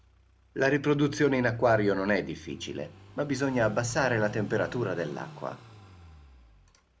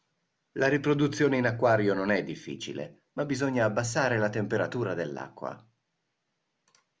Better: second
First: background sound (Car passing by / Idling); 19 dB below the speech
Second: none

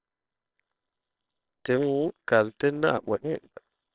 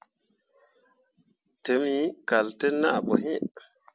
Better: second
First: noise reduction (neural separator model SepFormer WHAMR!)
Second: none

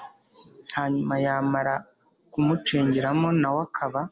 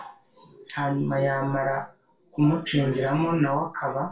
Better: first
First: none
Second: room echo; dies away in 0.3 s

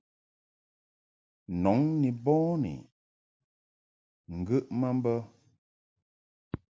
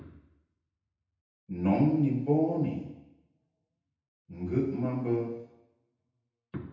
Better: first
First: none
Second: room echo; dies away in 0.9 s

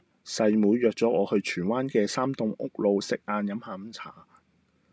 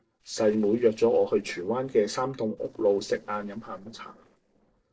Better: first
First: none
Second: noise reduction (neural separator model SepFormer DNS4)

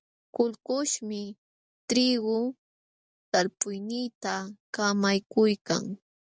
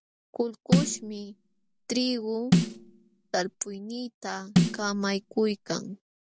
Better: first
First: none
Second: background sound (Snare drum); 4 dB above the speech

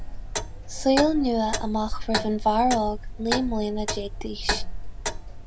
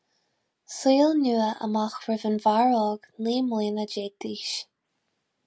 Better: second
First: background sound (Clock); 3 dB below the speech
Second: none

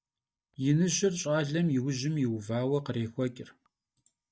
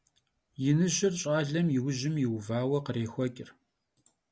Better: second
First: noise reduction (neural mask model DeepFilterNet 3)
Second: none

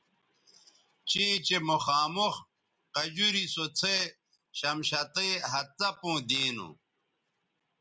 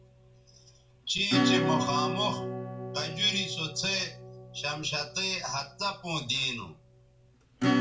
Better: first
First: none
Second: background sound (Acoustic guitar / Strum); as loud as the speech // room echo; dies away in 0.3 s

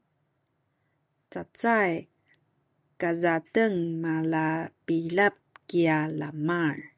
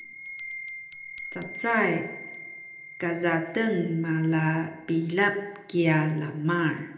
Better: first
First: none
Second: background sound (Bell); 15 dB below the speech // room echo; dies away in 0.8 s

